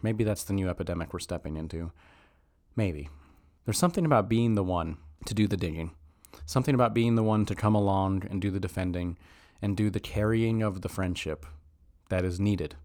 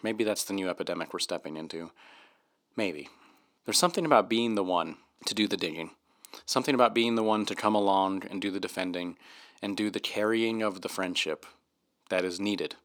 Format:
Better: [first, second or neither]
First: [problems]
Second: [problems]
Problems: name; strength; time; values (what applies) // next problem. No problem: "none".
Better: first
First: none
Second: thin; somewhat; fading below 250 Hz